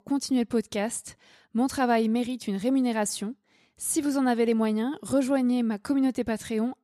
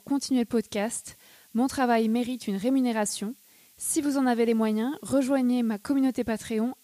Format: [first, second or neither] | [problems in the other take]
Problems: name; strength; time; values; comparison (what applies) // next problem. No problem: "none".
first | hiss; faint; throughout; 30 dB below the speech